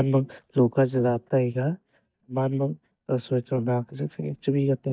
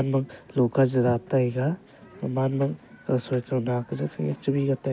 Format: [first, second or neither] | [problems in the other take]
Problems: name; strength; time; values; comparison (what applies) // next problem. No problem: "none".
second | noise reduction (neural mask model DeepFilterNet 3)